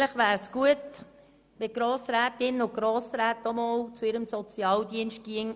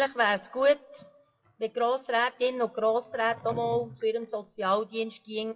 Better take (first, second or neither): first